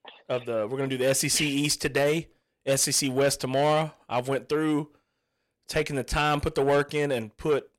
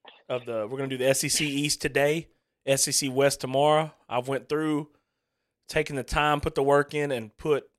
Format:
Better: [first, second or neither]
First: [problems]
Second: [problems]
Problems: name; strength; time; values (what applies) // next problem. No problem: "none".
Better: second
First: distortion; slight; 10 dB below the speech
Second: none